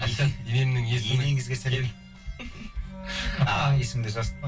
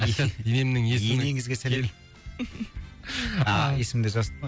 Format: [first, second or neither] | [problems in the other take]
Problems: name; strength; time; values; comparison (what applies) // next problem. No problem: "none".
second | background sound (Wind instrument, woodwind instrument); 19 dB below the speech // room echo; dies away in 0.1 s